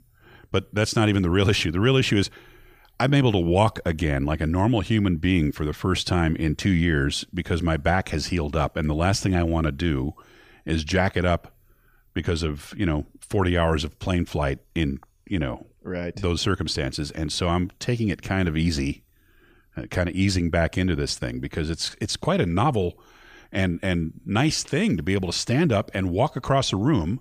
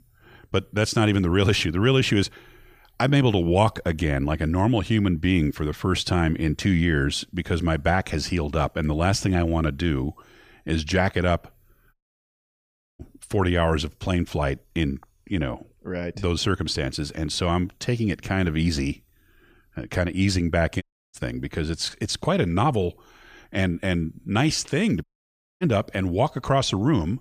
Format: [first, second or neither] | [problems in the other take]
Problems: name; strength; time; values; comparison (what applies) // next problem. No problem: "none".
first | audio cutting out; at 12 s for 1 s, at 21 s and at 25 s for 0.5 s